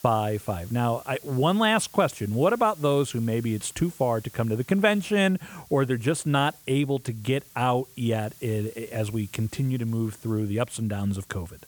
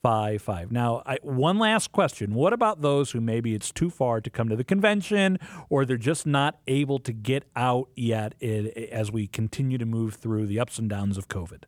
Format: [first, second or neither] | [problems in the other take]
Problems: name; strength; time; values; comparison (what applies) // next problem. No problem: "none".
second | hiss; faint; throughout; 20 dB below the speech